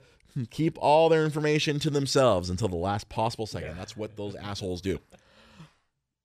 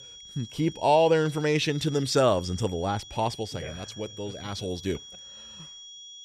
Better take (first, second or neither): first